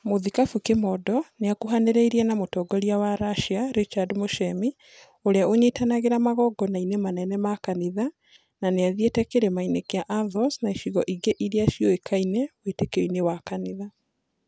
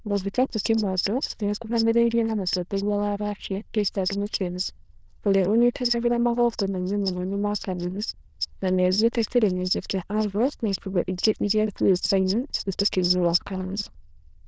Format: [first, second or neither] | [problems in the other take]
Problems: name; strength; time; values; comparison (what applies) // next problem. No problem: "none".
first | noise reduction (neural diffusion model UNIVERSE++)